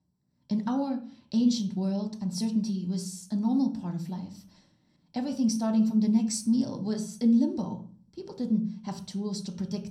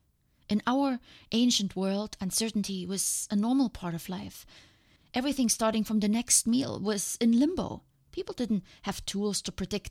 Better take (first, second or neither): second